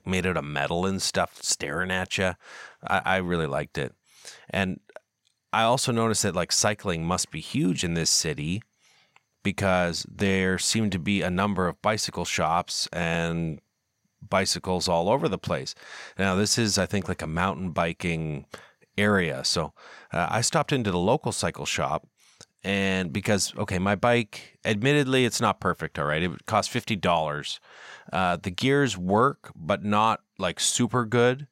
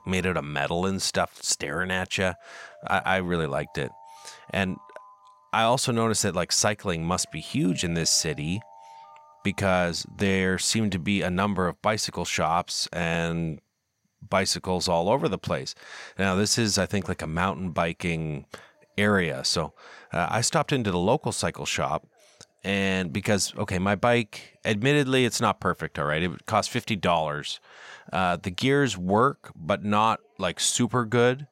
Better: first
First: none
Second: alarms or sirens; faint; throughout; 30 dB below the speech

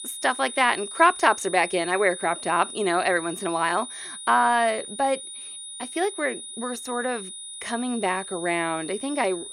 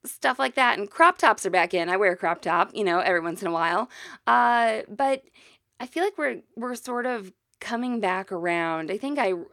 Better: second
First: high-pitched whine; noticeable; throughout; 9.5 kHz, 10 dB below the speech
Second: none

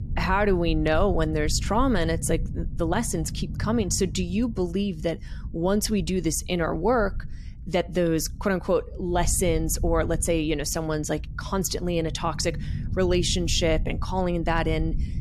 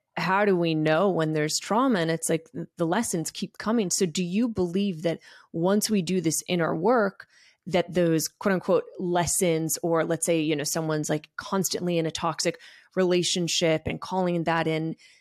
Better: second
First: low rumble; faint; throughout; 20 dB below the speech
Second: none

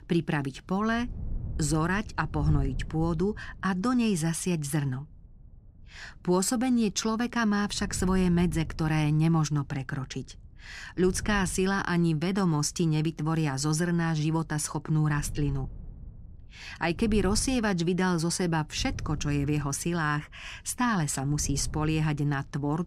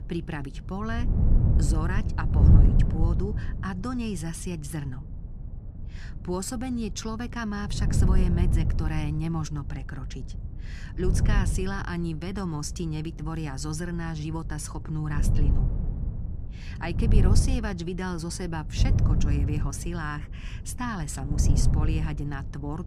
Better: first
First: wind noise on the microphone; occasional gusts; 25 dB below the speech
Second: wind noise on the microphone; heavy; 4 dB below the speech

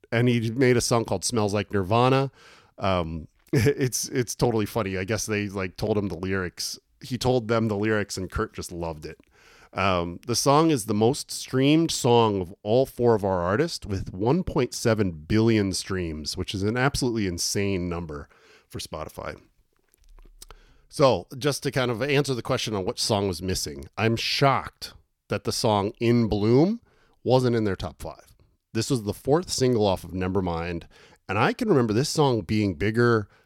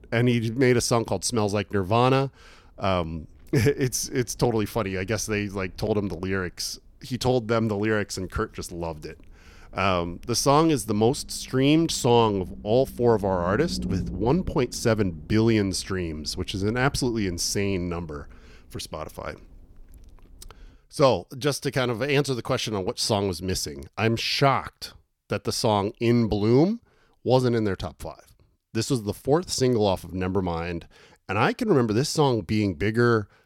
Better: first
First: none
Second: low rumble; faint; until 21 s; 25 dB below the speech

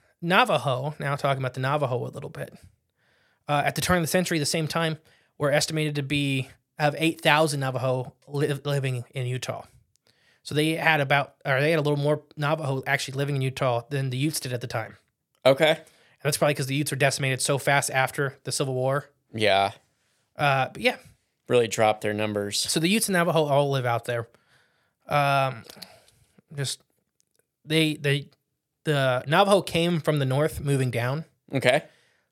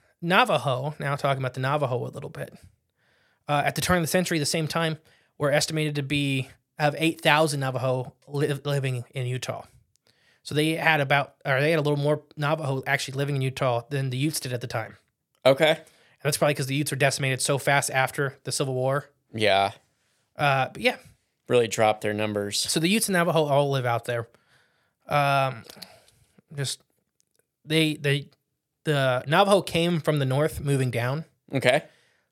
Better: neither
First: none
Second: none

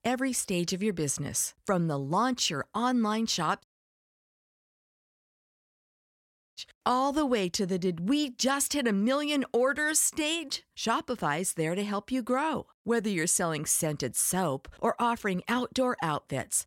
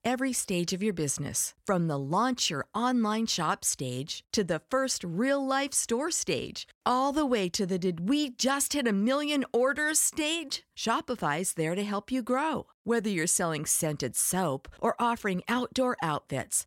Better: second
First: audio cutting out; at 3.5 s for 3 s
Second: none

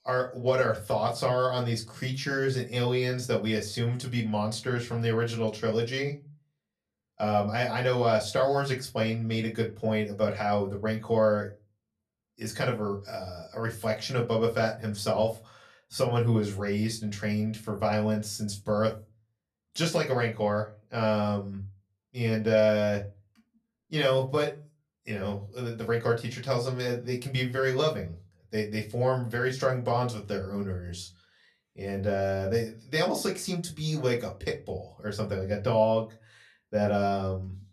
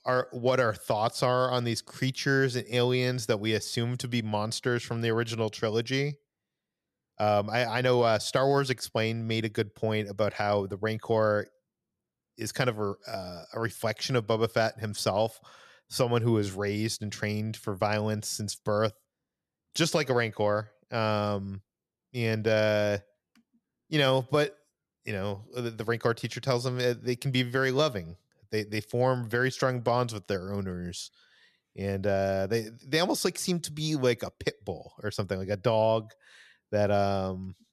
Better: second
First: off-mic speech; far // room echo; very slight; dies away in 0.2 s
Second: none

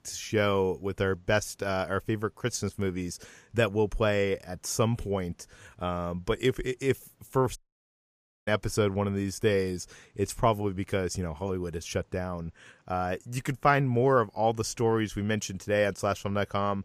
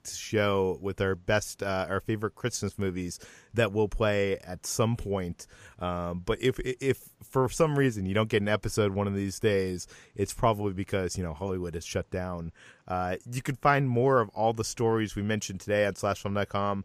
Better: second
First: audio cutting out; at 7.5 s for 1 s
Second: none

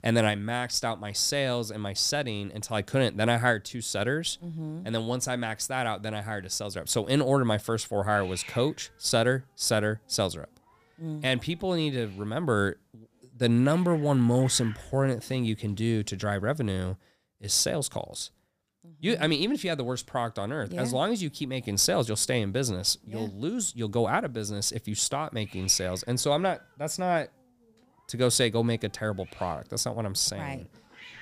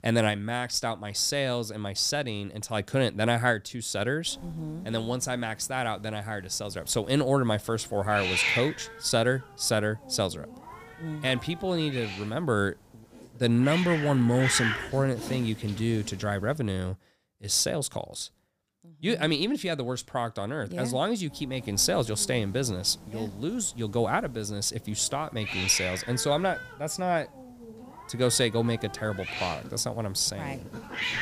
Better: first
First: hiss; faint; from 4.5 to 17 s and from 21 s on; 25 dB below the speech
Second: hiss; loud; from 4.5 to 17 s and from 21 s on; 6 dB below the speech

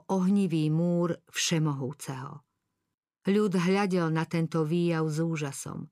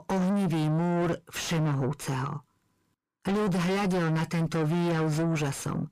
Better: first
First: none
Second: distortion; heavy; 6 dB below the speech

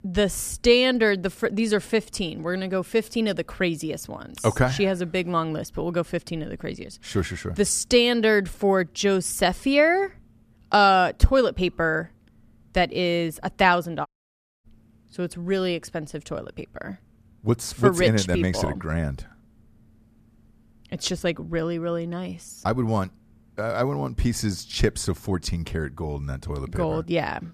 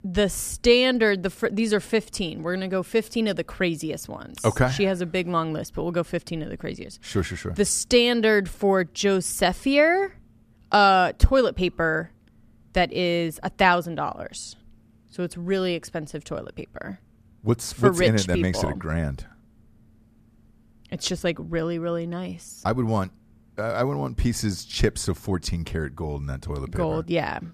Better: second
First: audio cutting out; at 14 s for 0.5 s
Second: none

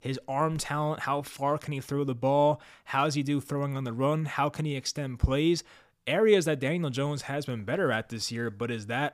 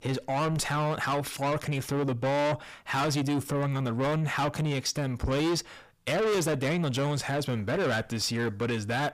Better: first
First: none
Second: distortion; heavy; 6 dB below the speech

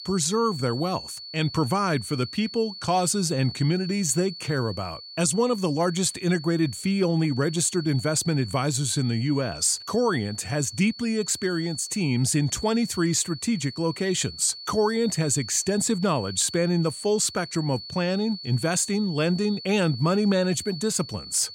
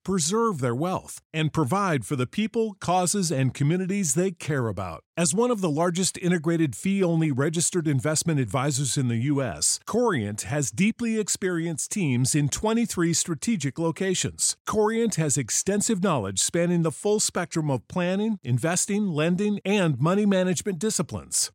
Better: second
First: high-pitched whine; noticeable; throughout; 4.5 kHz, 10 dB below the speech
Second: none

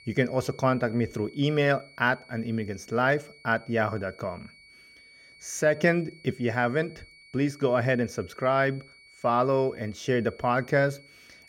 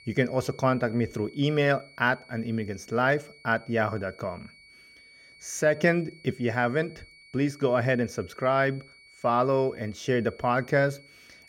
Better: neither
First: high-pitched whine; faint; throughout; 2.5 kHz, 25 dB below the speech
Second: high-pitched whine; faint; throughout; 2.5 kHz, 25 dB below the speech

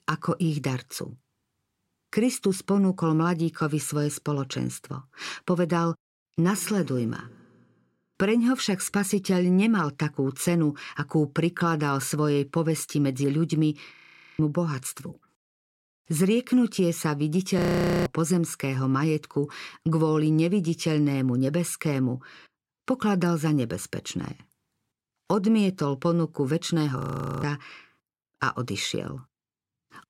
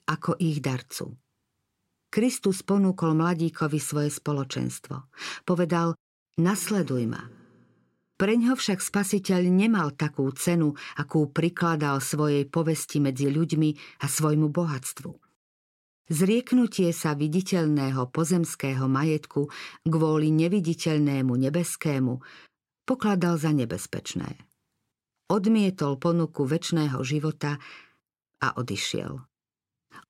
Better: second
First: audio freezing; at 14 s, at 18 s and at 27 s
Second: none

